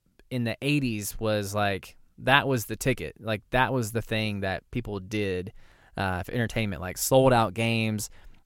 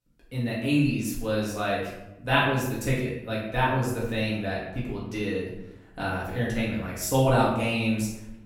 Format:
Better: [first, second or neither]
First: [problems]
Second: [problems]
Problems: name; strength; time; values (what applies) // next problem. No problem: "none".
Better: first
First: none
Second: off-mic speech; far // room echo; noticeable; dies away in 0.7 s